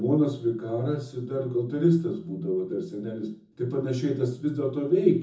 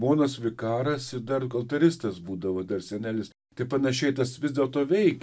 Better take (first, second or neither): second